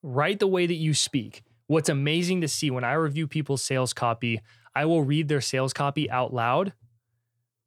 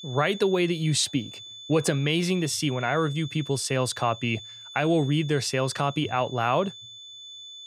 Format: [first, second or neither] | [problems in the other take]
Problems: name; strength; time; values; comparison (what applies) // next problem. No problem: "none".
first | high-pitched whine; noticeable; throughout; 3.5 kHz, 15 dB below the speech